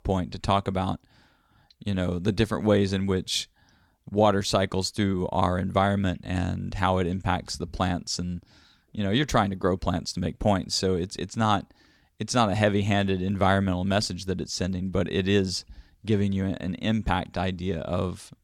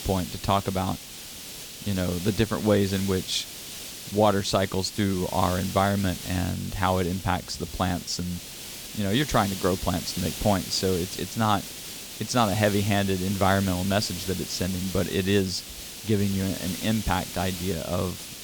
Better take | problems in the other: first | hiss; loud; throughout; 9 dB below the speech

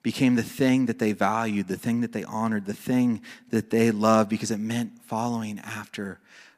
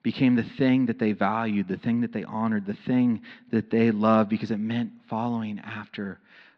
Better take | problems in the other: first | muffled; slightly; fading above 4 kHz

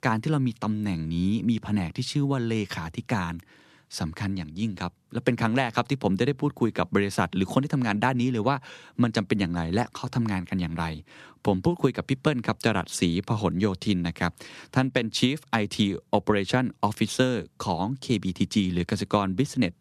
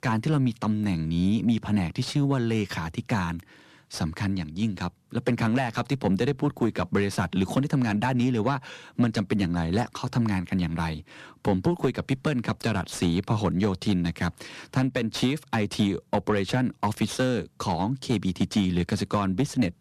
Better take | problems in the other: first | distortion; slight; 10 dB below the speech

